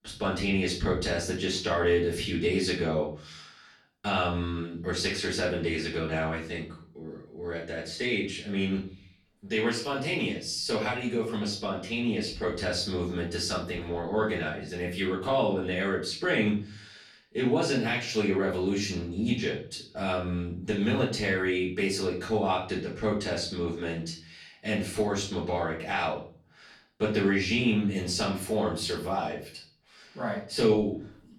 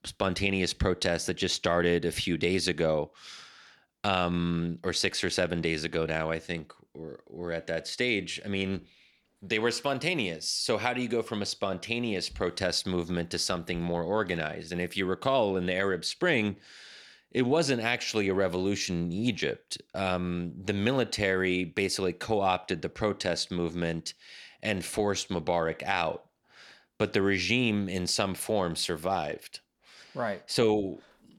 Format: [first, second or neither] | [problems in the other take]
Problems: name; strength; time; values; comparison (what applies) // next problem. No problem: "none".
second | off-mic speech; far // room echo; slight; dies away in 0.4 s